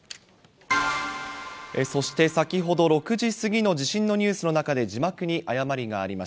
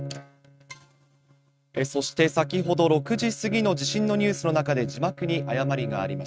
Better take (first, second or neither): first